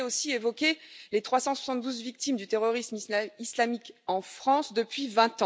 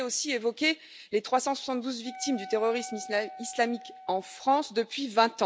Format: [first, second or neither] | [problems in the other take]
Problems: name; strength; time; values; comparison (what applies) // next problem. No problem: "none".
first | background sound (Wind instrument, woodwind instrument); 15 dB below the speech